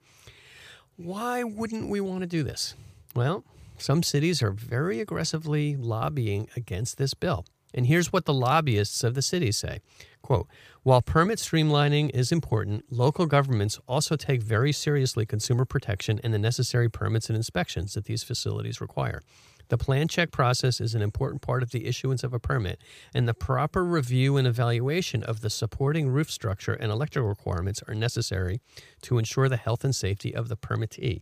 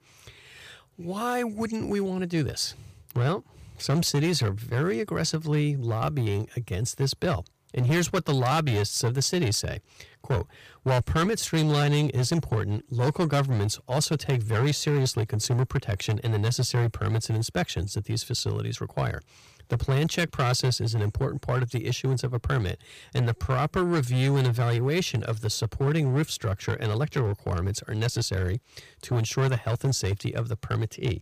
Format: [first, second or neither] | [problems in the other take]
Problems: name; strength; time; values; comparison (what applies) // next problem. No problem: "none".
first | distortion; slight; 10% of the sound clipped